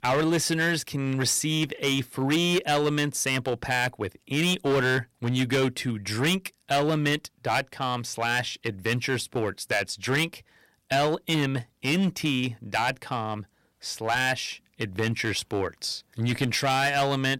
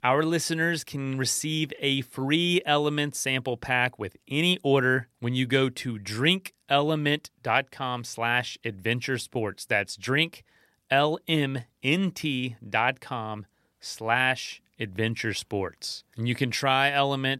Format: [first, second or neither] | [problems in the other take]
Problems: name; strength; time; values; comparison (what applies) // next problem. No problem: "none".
second | distortion; heavy; 8% of the sound clipped